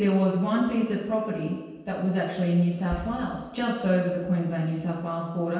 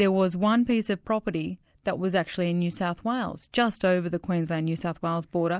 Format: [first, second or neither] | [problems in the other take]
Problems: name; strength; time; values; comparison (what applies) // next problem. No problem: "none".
second | background sound (Boom); 13 dB below the speech // room echo; dies away in 1.2 s